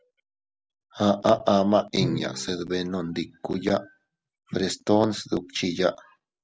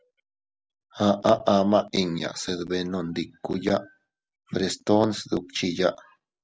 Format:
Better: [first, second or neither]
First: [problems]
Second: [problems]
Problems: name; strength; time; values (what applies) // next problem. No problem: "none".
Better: second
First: background sound (Bowed string instrument); 12 dB below the speech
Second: none